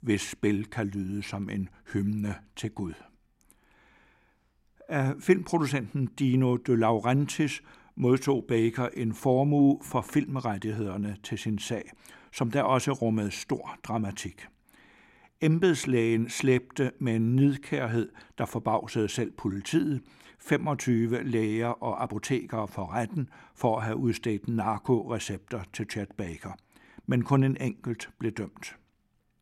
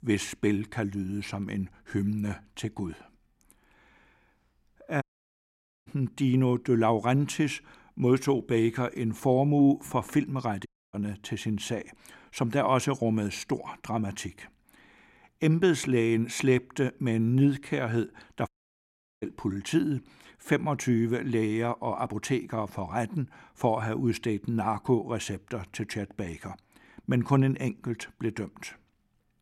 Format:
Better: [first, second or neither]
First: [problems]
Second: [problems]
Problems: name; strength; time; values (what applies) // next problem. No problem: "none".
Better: first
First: none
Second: audio cutting out; at 5 s for 1 s, at 11 s and at 18 s for 0.5 s